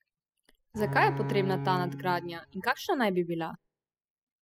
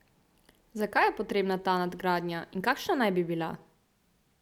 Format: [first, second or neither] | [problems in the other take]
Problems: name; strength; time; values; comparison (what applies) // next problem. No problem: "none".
second | noise reduction (classical method spectral subtraction)